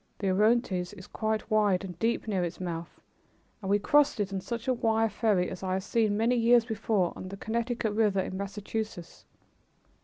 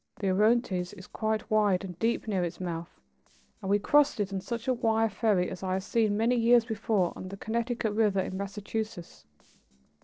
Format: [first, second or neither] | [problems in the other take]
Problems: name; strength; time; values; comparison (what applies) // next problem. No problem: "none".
first | noise reduction (neural separator model SepFormer DNS4)